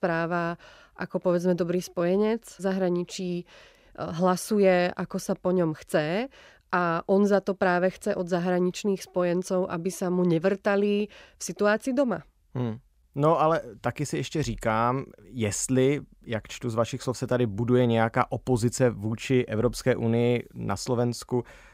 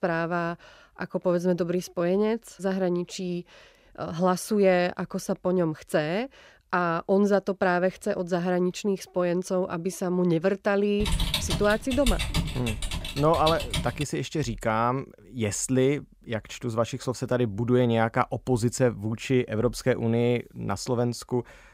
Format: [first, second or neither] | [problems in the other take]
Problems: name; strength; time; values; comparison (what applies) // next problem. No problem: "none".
first | keyboard typing; noticeable; from 11 to 14 s; peak level with the speech